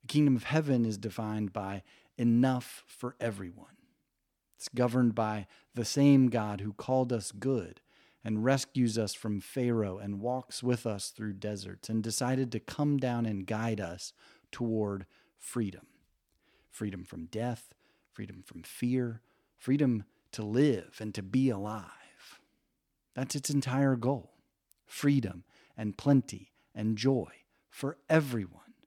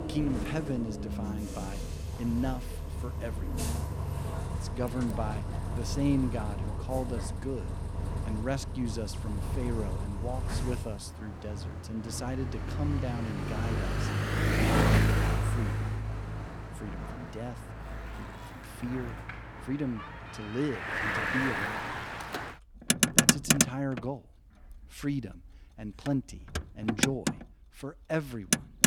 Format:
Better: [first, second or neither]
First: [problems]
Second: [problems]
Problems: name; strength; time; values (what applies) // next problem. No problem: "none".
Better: first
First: none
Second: traffic noise; very loud; throughout; 4 dB above the speech